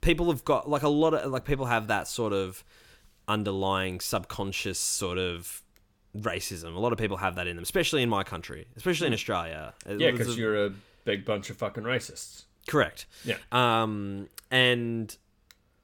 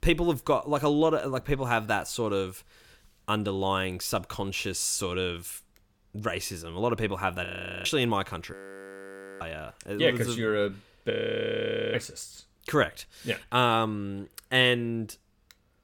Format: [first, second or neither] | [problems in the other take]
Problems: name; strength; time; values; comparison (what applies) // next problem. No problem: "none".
first | audio freezing; at 7.5 s, at 8.5 s for 1 s and at 11 s for 1 s